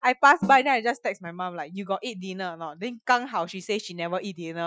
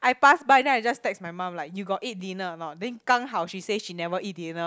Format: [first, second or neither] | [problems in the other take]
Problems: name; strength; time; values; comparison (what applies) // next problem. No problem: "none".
second | noise reduction (classical method Wiener filter)